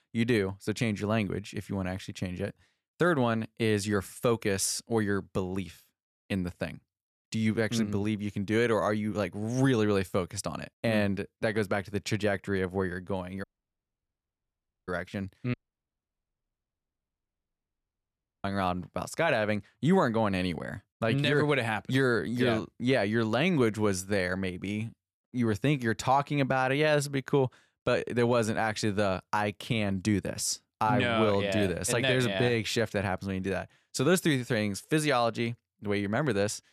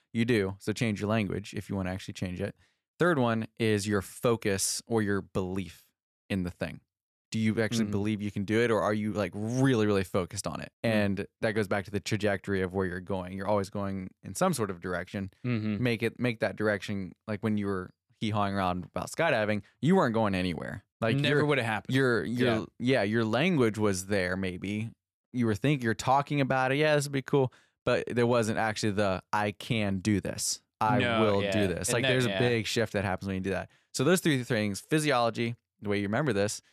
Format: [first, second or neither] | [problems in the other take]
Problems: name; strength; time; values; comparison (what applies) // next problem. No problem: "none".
second | audio cutting out; at 13 s for 1.5 s and at 16 s for 3 s